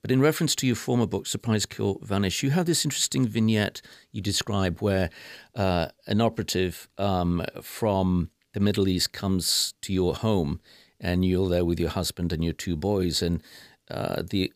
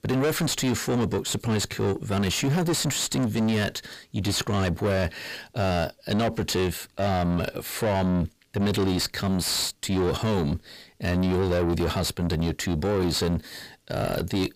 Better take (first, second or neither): first